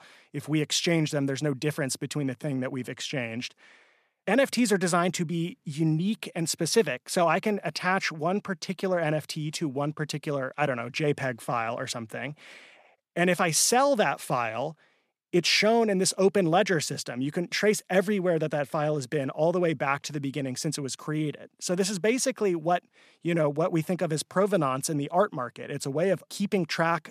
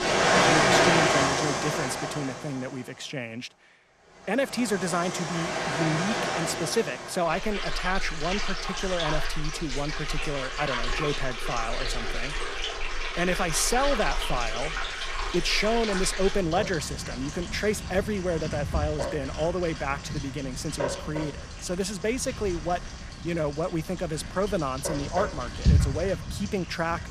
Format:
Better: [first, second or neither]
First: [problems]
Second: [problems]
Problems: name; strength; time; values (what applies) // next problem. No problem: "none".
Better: first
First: none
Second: rain or running water; very loud; throughout; 1 dB above the speech